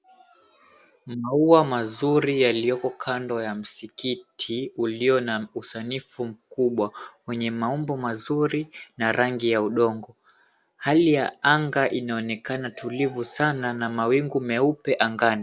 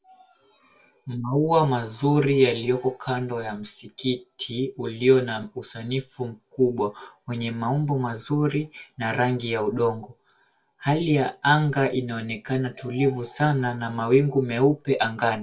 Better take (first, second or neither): first